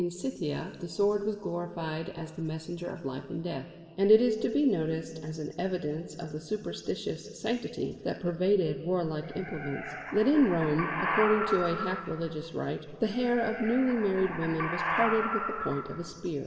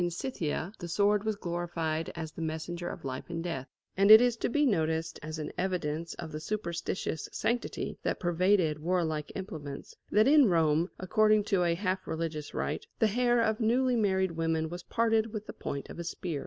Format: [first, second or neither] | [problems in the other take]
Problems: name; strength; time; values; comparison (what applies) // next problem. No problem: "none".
second | background sound (Animal); 5 dB below the speech // room echo; dies away in 1.6 s